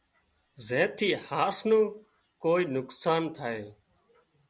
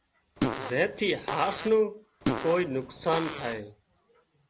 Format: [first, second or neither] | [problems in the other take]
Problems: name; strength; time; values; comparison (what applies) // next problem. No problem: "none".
first | background sound (Fart); 4 dB below the speech